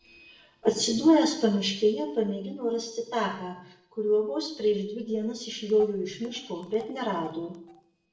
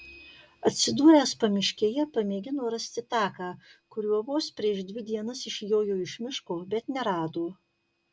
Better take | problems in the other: second | noise reduction (neural separator model SepFormer DNS4)

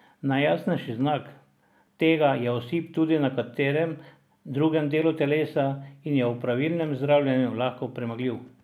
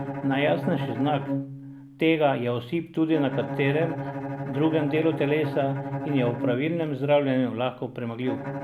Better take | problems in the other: first | background sound (Bowed string instrument); 7 dB below the speech

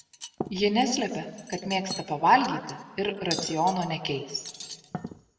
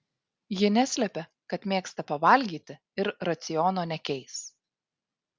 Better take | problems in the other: second | background sound (Cutlery, silverware); 12 dB below the speech // room echo; dies away in 1.1 s

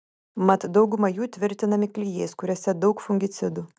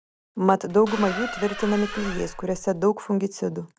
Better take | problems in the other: first | background sound (Squeak); 9 dB below the speech

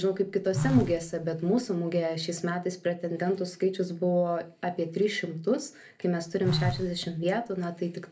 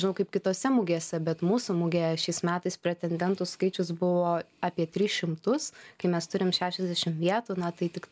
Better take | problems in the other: second | background sound (Telephone); 5 dB below the speech // room echo; dies away in 0.3 s

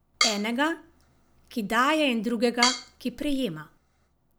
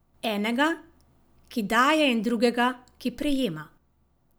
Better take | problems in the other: second | background sound (Drum kit); 5 dB below the speech

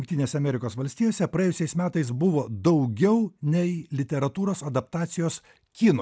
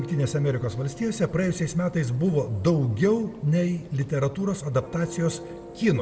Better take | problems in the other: first | background sound (Church bell); 17 dB below the speech // room echo; dies away in 0.7 s

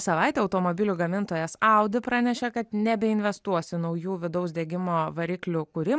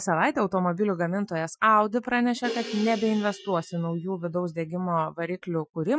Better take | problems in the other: first | noise reduction (classical method Wiener filter)

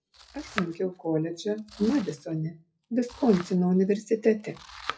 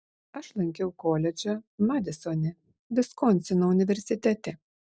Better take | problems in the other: second | noise reduction (classical method WPE with log-MMSE)

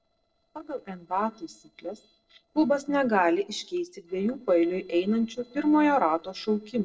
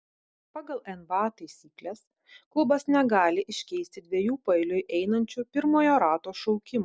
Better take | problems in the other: second | noise reduction (neural separator model SepFormer DNS4)

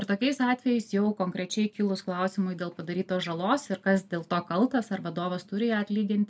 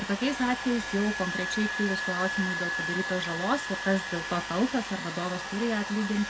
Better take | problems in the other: first | background sound (Wind instrument, woodwind instrument + Domestic sounds, home sounds); 4 dB below the speech

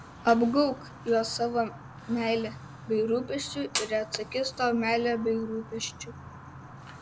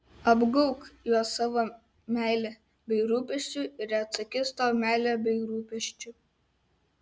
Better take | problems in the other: second | background sound (Fire); 14 dB below the speech

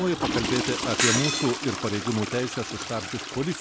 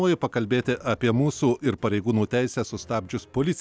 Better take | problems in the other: second | background sound (Toilet flush / Water + Shatter); 1 dB below the speech

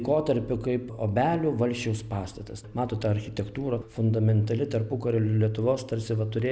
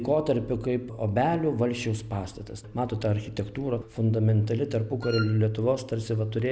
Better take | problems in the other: first | background sound (Wind instrument, woodwind instrument); 12 dB below the speech

